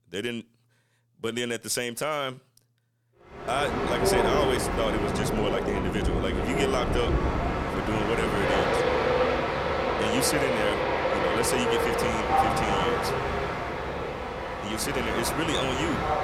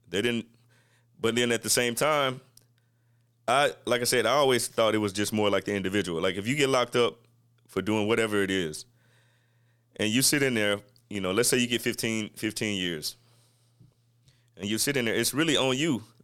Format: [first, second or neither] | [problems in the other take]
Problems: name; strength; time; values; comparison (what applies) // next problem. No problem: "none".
second | train or aircraft noise; very loud; from 3.5 s on; 3 dB above the speech